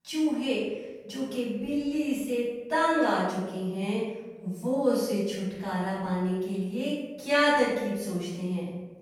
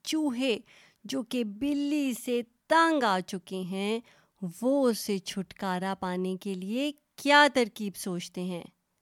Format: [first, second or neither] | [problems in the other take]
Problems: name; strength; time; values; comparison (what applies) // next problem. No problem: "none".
second | off-mic speech; far // room echo; strong; dies away in 1.5 s